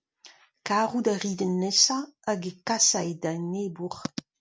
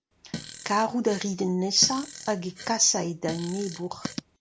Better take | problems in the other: first | background sound (Fart); 14 dB below the speech

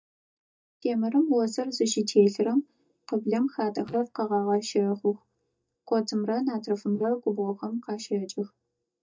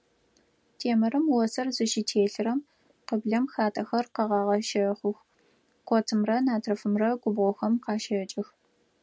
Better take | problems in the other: second | noise reduction (neural mask model DeepFilterNet 3)

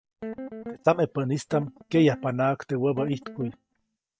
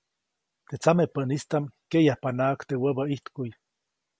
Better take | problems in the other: second | noise reduction (neural mask model DeepFilterNet 3)

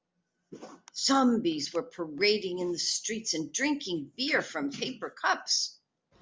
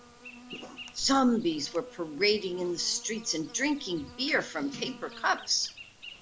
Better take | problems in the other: first | background sound (Insect); 18 dB below the speech

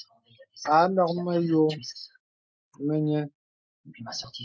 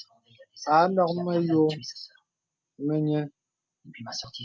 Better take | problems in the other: second | noise reduction (neural mask model Resemble Enhance denoiser)

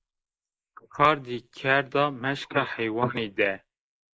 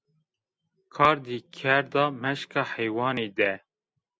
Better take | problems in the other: second | noise reduction (neural mask model Resemble Enhance denoiser)

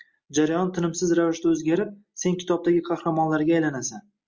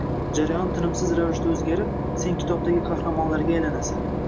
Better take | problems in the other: first | background sound (Engine / Boat, Water vehicle); as loud as the speech

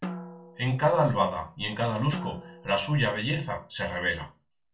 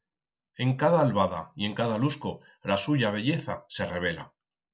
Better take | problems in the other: second | background sound (Drum); 14 dB below the speech // room echo; dies away in 0.3 s

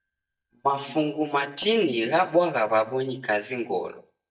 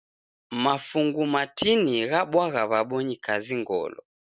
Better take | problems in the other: second | noise reduction (neural mask model DeepFilterNet 3)

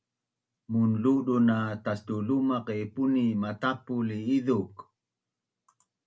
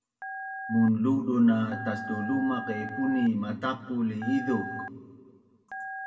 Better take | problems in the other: first | background sound (Telephone); 11 dB below the speech // room echo; dies away in 1.3 s

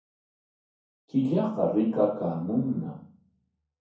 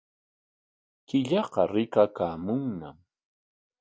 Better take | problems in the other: second | room echo; dies away in 0.6 s

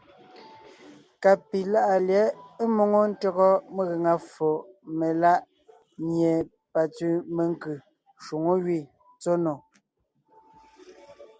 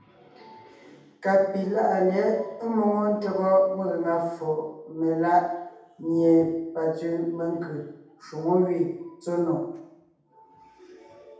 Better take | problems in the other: first | room echo; dies away in 0.8 s

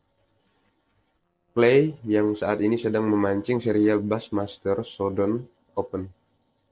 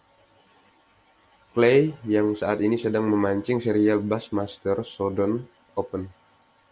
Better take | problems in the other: second | noise reduction (neural separator model SepFormer DNS4)

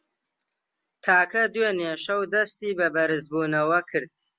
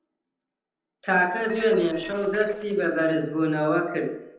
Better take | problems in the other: first | noise reduction (neural separator model SepFormer DNS4)

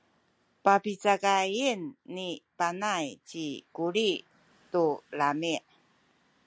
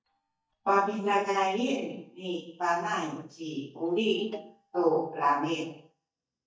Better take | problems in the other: first | noise reduction (neural mask model DeepFilterNet 3)

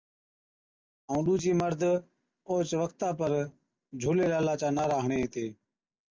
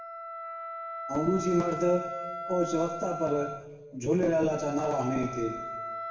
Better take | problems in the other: first | background sound (Wind instrument, woodwind instrument); 8 dB below the speech // room echo; dies away in 1.2 s

